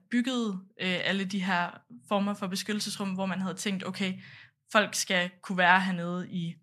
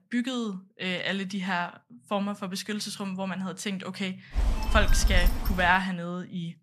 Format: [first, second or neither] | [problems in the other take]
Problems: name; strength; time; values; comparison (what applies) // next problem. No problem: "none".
first | phone ringing; loud; from 4.5 to 5.5 s; peak 2 dB above the speech